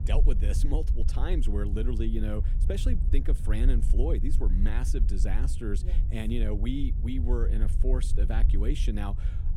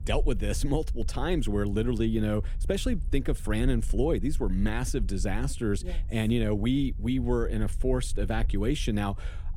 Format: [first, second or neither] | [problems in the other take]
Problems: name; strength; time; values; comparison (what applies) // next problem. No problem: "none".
second | low rumble; loud; throughout; 10 dB below the speech; faint in the second